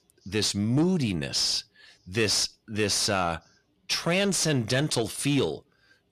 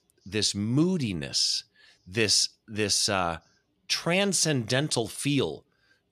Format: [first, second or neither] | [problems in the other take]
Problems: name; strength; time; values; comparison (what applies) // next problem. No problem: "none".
second | distortion; slight; 10 dB below the speech